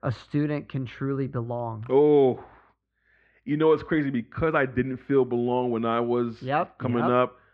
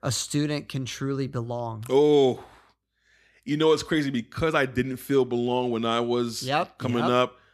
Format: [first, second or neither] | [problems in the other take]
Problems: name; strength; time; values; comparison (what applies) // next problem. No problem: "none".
second | muffled; very; fading above 2 kHz